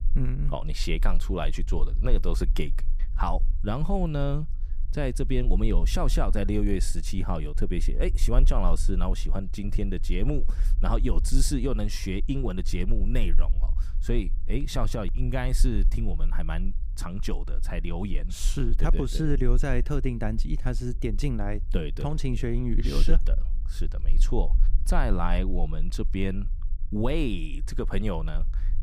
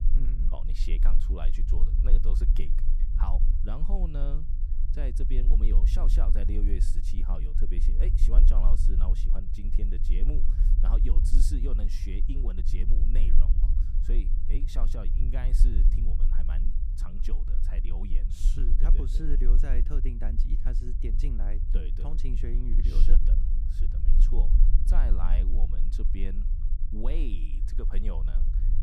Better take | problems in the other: first | low rumble; loud; throughout; 6 dB below the speech; faint in the first

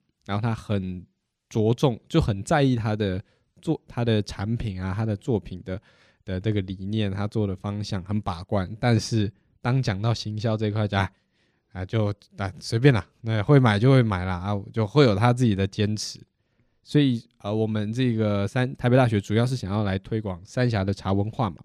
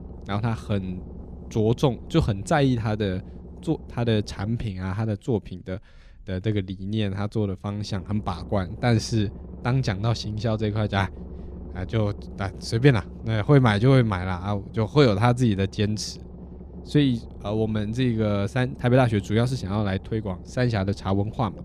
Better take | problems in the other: first | low rumble; faint; throughout; 20 dB below the speech

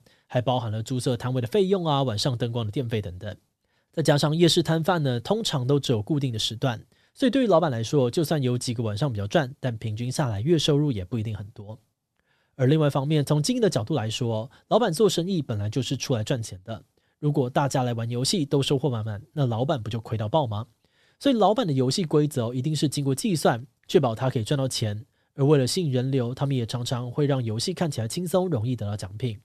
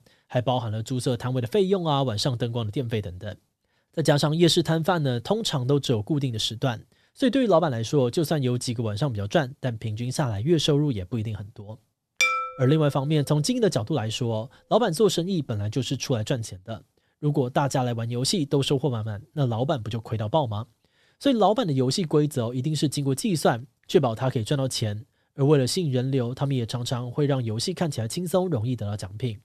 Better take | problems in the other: first | clattering dishes; loud; at 12 s; peak 3 dB above the speech

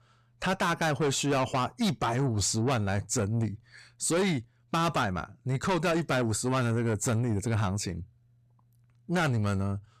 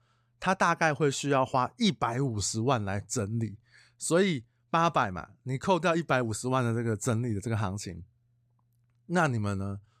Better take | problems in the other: second | distortion; heavy; 7 dB below the speech

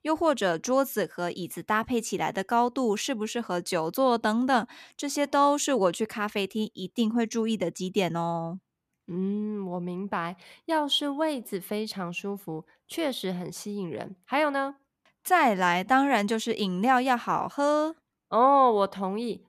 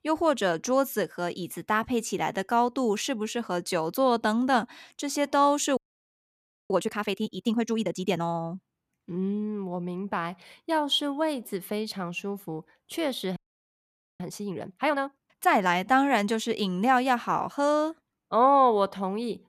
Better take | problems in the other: first | audio freezing; at 6 s for 1 s and at 13 s for 1 s

